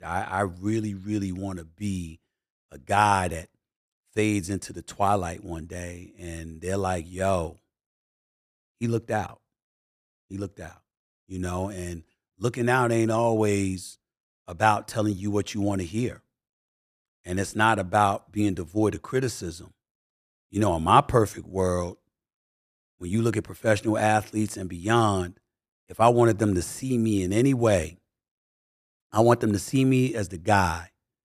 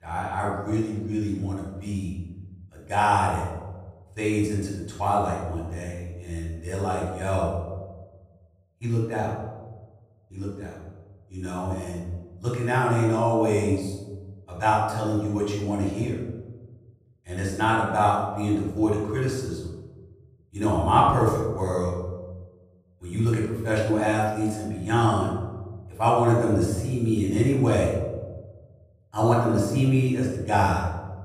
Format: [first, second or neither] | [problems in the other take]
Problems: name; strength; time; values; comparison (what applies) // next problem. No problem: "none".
first | room echo; noticeable; dies away in 1.1 s // off-mic speech; far